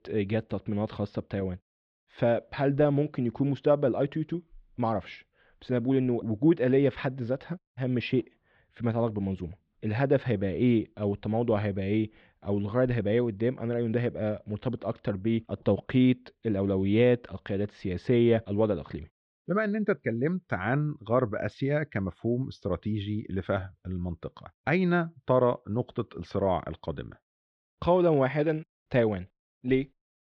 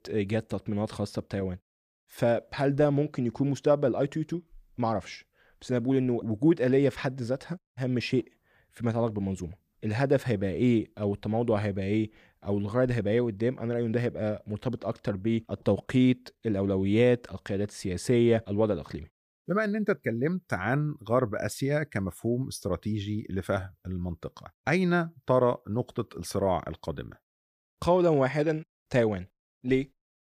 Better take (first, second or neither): second